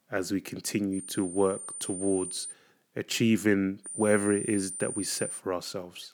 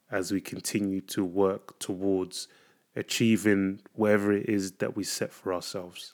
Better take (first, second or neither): second